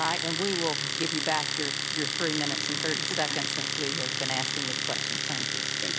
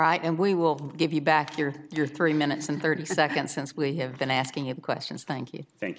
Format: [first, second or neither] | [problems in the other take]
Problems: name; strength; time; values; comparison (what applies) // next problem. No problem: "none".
second | background sound (Domestic sounds, home sounds); 3 dB above the speech